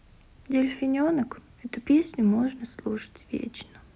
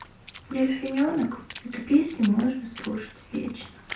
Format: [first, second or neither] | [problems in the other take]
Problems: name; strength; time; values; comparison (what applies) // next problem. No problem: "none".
first | background sound (Water / Splash, splatter); 18 dB below the speech // room echo; dies away in 0.3 s